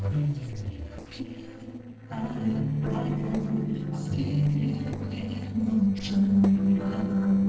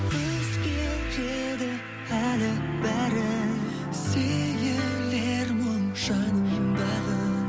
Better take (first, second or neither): second